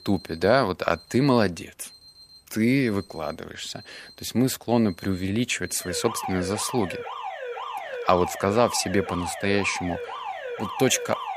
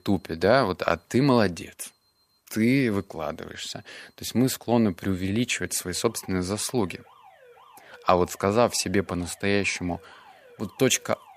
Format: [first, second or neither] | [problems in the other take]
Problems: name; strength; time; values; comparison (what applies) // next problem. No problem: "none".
second | alarms or sirens; loud; throughout; 9 dB below the speech; faint in the second